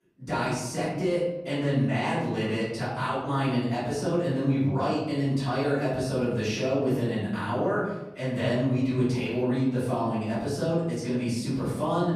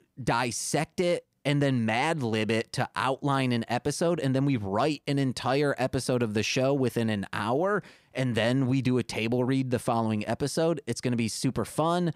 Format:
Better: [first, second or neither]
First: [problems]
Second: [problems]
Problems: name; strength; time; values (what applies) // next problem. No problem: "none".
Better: second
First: off-mic speech; far // room echo; noticeable; dies away in 1 s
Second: none